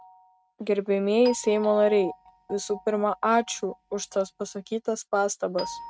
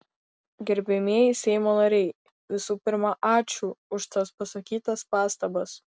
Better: second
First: noise reduction (neural mask model RNNoise)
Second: none

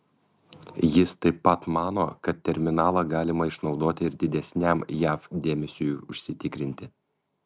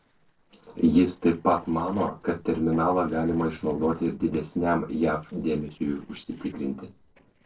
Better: first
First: none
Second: noise reduction (neural separator model SepFormer DNS4)

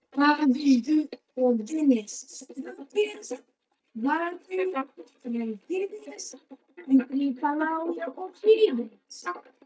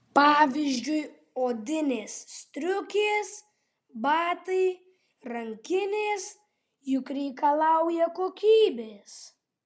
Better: second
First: noise reduction (neural mask model DeepFilterNet 3)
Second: none

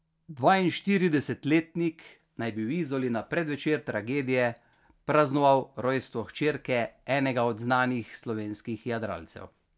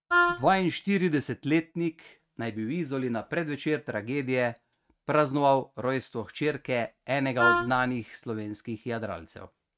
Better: first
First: none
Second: noise reduction (neural mask model RNNoise)

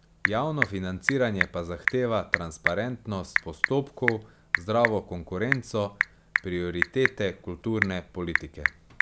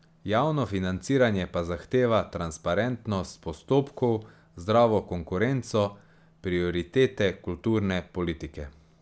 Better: second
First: background sound (Telephone / Typing); 1 dB below the speech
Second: none

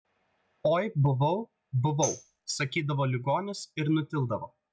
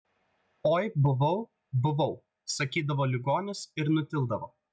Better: second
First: background sound (Tambourine); 12 dB below the speech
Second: none

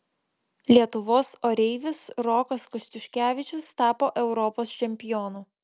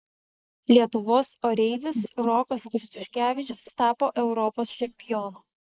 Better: first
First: none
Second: noise reduction (neural mask model Resemble Enhance denoiser)

